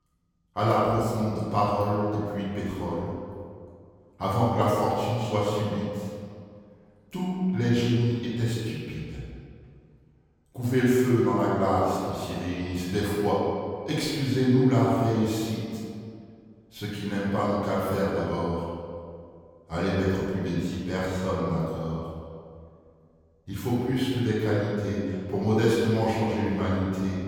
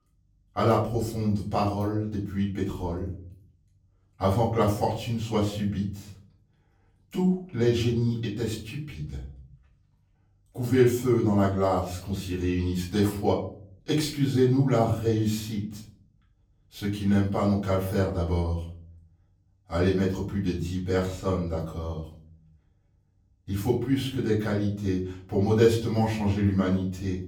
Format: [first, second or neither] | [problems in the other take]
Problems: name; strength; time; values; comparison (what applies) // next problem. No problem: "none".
second | room echo; strong; dies away in 1.9 s; slight in the second // off-mic speech; far; far in the second